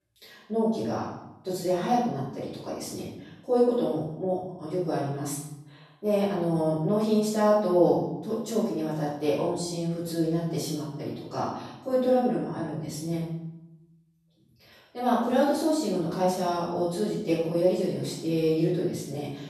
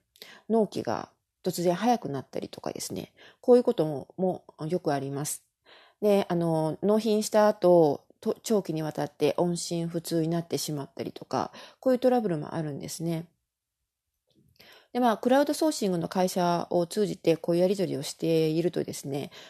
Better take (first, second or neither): second